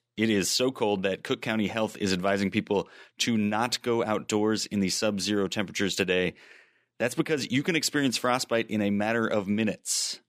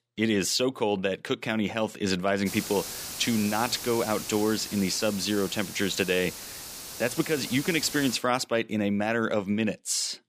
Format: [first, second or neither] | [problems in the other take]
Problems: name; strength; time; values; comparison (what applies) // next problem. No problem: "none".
first | hiss; loud; from 2.5 to 8 s; 9 dB below the speech